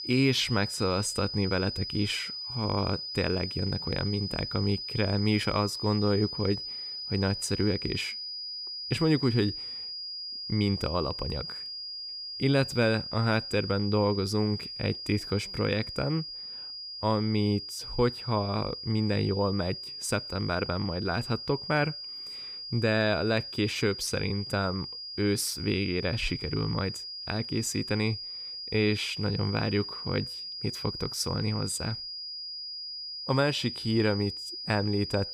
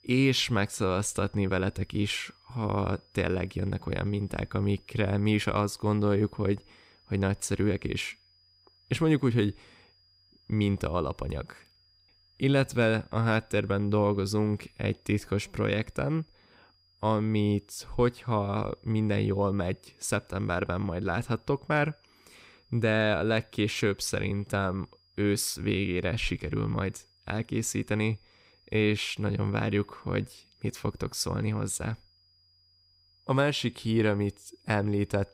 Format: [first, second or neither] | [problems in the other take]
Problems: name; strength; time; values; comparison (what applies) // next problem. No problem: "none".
second | high-pitched whine; loud; throughout; 5 kHz, 6 dB below the speech; faint in the second